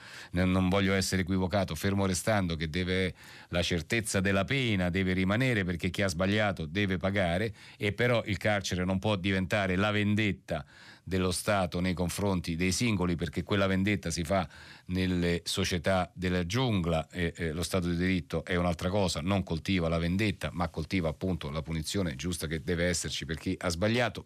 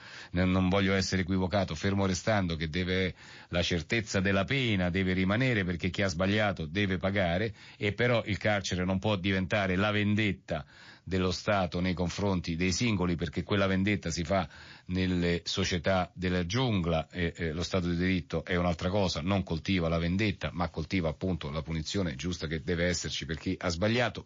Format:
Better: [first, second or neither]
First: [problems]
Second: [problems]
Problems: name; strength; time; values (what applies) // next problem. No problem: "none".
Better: first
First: none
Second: garbled, watery; slightly; nothing above 6 kHz